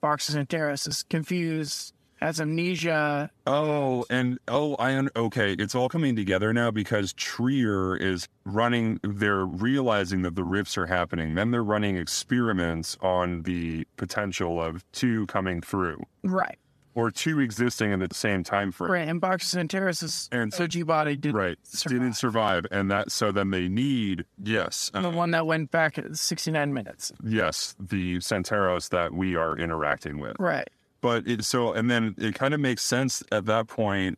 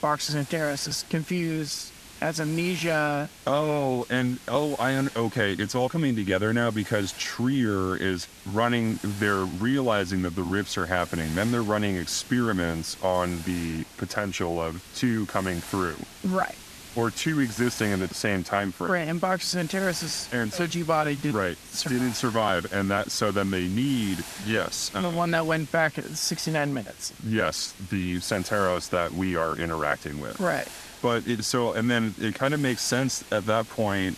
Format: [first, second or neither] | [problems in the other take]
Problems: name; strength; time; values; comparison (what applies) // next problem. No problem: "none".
first | hiss; noticeable; throughout; 15 dB below the speech